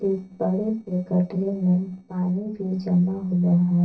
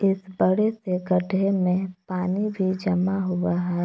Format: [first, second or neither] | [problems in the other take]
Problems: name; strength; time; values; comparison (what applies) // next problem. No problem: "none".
second | noise reduction (neural separator model SepFormer DNS4)